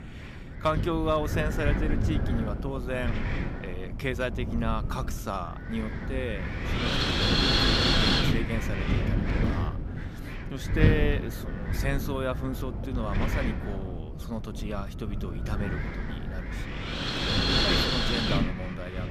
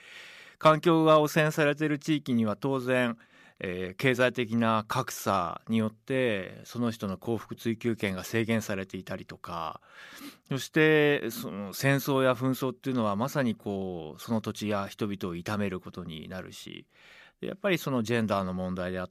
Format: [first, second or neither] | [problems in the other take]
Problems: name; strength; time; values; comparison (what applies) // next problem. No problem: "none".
second | wind noise on the microphone; heavy; 5 dB above the speech